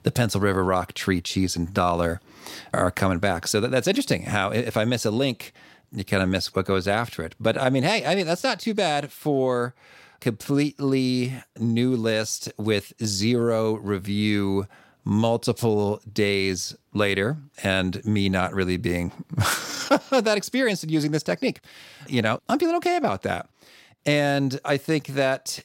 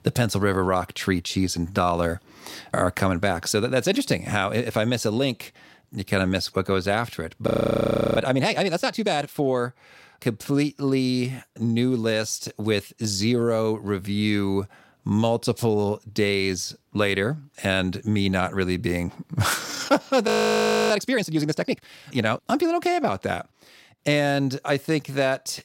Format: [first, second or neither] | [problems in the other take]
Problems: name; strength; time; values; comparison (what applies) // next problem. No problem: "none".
first | audio freezing; at 7.5 s for 0.5 s and at 20 s for 0.5 s